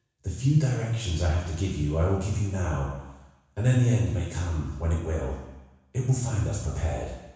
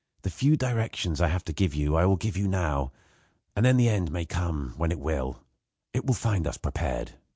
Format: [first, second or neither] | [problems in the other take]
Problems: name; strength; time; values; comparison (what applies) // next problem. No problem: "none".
second | room echo; dies away in 1.1 s